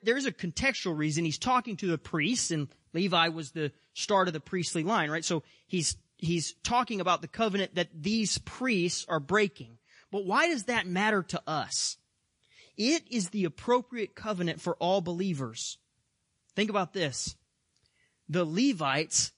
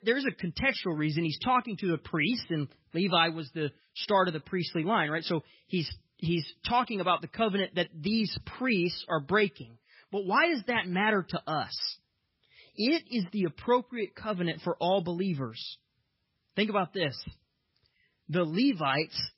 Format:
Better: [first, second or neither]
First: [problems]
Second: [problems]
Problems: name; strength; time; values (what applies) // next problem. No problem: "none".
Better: first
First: garbled, watery; slightly; nothing above 10.5 kHz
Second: garbled, watery; badly; nothing above 5.5 kHz